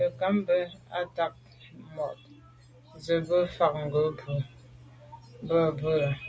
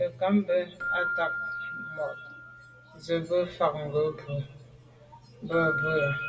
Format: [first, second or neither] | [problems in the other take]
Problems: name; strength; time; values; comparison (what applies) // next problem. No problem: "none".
first | background sound (Keyboard (musical)); 5 dB below the speech // room echo; dies away in 1.2 s